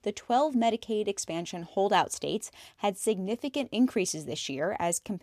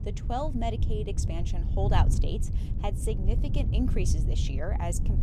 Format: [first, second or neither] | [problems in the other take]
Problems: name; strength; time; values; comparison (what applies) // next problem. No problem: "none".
first | wind noise on the microphone; heavy; 9 dB below the speech